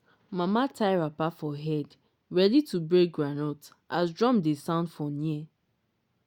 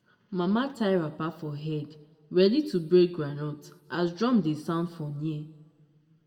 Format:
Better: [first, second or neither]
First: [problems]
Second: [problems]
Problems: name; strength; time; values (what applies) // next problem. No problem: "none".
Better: first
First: none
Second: room echo; dies away in 1.1 s